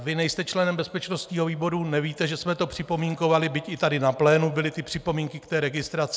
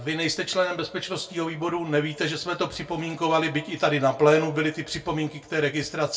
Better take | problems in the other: first | room echo; dies away in 0.2 s

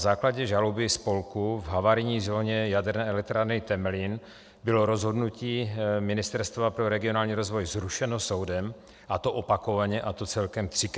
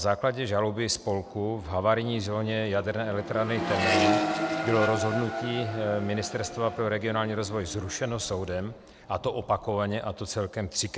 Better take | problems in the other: first | background sound (Accelerating, revving, vroom); 5 dB below the speech

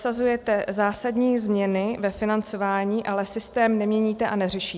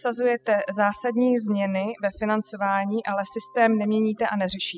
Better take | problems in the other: first | noise reduction (classical method spectral subtraction)

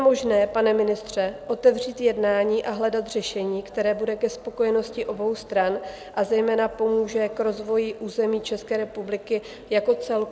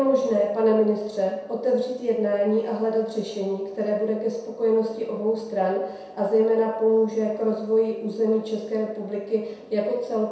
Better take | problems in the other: first | room echo; dies away in 0.7 s

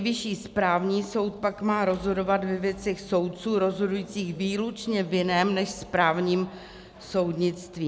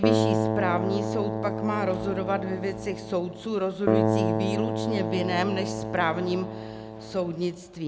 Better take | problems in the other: first | background sound (Keyboard (musical)); 1 dB above the speech

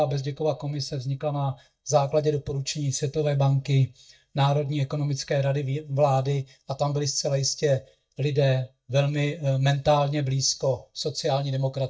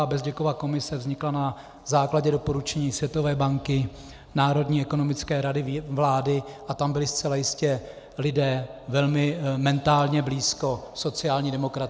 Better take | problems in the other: second | noise reduction (neural mask model DeepFilterNet 3)

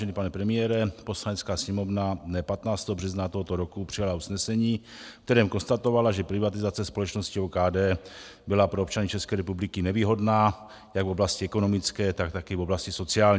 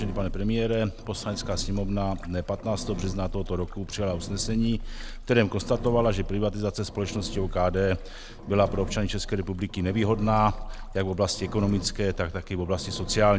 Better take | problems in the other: first | background sound (Engine); 8 dB below the speech

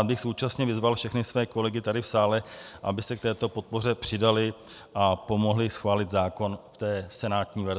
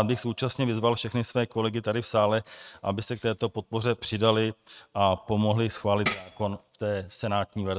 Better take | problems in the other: first | noise reduction (neural mask model RNNoise)

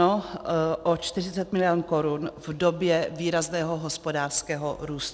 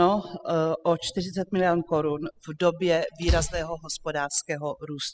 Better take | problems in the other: first | noise reduction (classical method spectral subtraction)

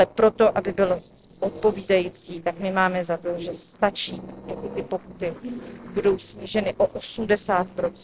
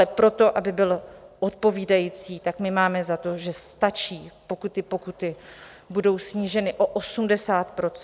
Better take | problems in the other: second | noise reduction (neural separator model SepFormer DNS4)

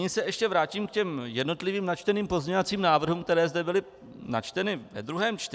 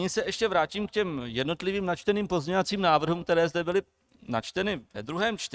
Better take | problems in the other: first | noise reduction (neural mask model RNNoise)

